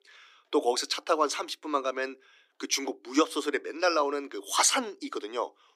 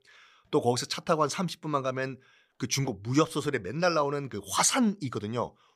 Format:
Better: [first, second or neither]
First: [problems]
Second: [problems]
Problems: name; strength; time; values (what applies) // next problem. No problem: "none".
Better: second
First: thin; somewhat; fading below 300 Hz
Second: none